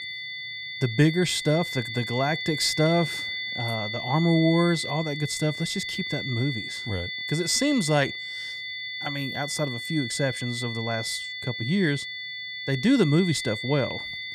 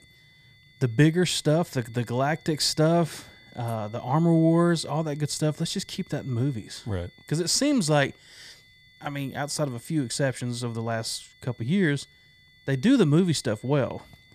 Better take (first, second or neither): second